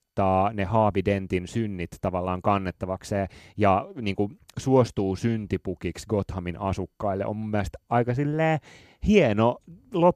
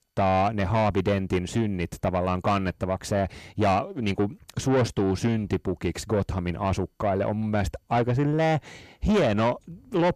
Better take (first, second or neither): first